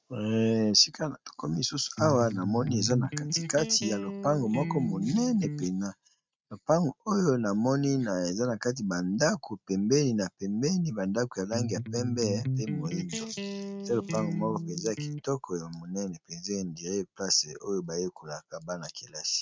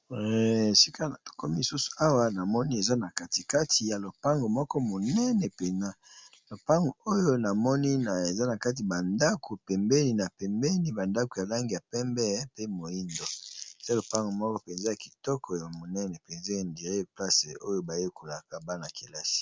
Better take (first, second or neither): second